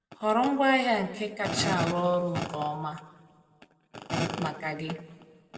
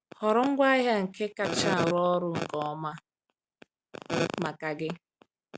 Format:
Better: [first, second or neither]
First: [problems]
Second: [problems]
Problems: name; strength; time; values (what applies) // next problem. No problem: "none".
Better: second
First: room echo; dies away in 1.2 s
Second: none